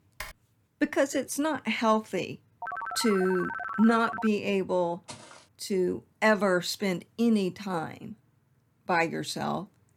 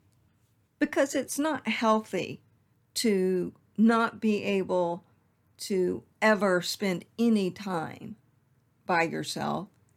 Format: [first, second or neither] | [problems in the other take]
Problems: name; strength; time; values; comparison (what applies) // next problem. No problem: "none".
second | keyboard typing; faint; at the start; peak 15 dB below the speech // phone ringing; noticeable; from 2.5 to 4.5 s; peak 6 dB below the speech // footsteps; faint; at 5 s; peak 15 dB below the speech